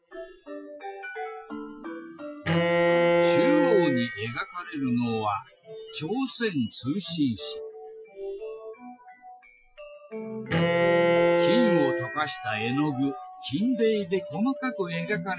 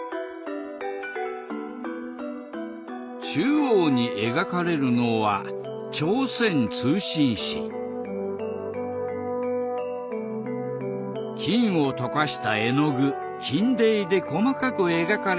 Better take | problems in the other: second | noise reduction (classical method Wiener filter)

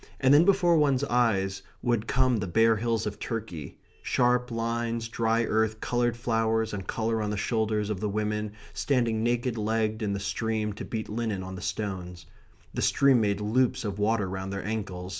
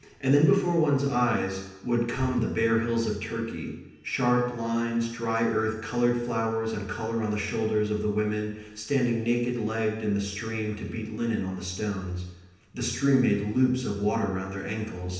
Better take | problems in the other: first | room echo; dies away in 0.9 s

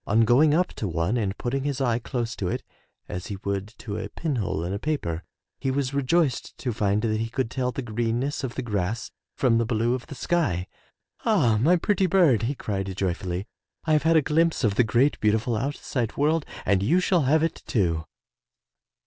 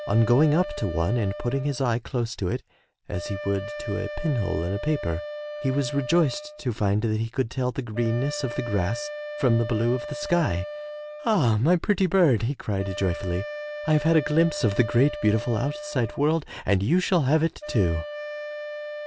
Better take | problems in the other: first | background sound (Wind instrument, woodwind instrument); 11 dB below the speech

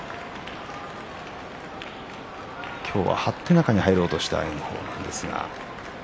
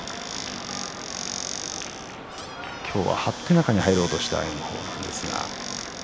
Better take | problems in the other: first | background sound (Squeak / Cupboard open or close); 8 dB below the speech

